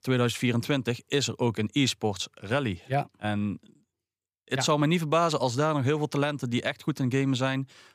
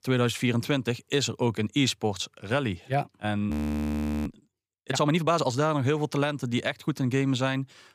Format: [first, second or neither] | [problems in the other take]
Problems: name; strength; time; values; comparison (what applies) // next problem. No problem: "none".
first | audio freezing; at 3.5 s for 1 s